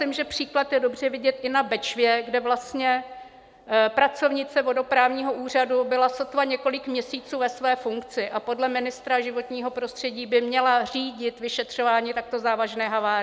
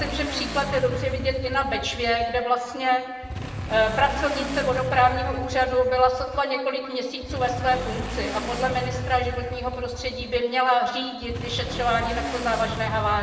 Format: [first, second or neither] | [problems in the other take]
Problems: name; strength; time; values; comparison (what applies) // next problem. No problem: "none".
first | background sound (Motorcycle / Accelerating, revving, vroom); 8 dB below the speech // room echo; dies away in 1.1 s